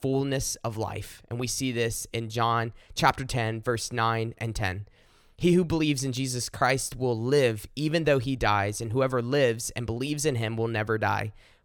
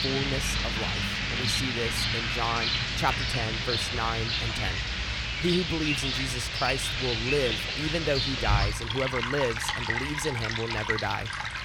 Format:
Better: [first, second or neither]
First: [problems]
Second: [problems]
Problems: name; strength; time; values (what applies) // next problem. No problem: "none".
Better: first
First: none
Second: rain or running water; very loud; throughout; 3 dB above the speech